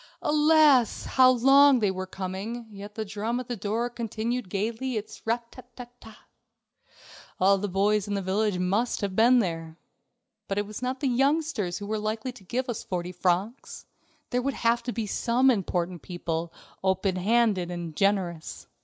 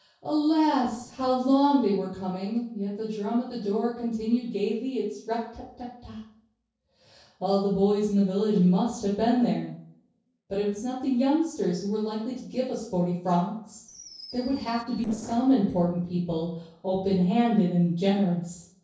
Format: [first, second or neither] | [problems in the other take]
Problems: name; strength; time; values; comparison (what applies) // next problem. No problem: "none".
first | noise reduction (neural separator model SepFormer DNS4)